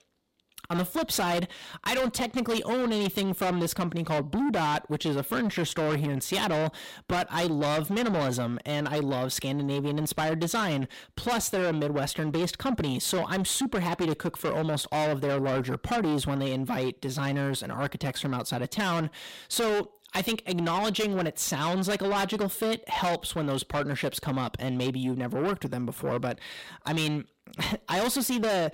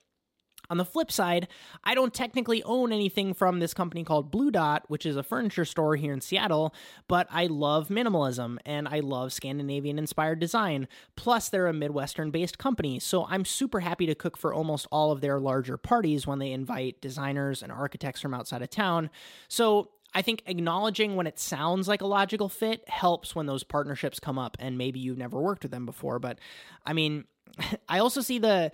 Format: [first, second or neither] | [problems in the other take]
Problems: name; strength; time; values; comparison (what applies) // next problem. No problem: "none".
second | distortion; heavy; 6 dB below the speech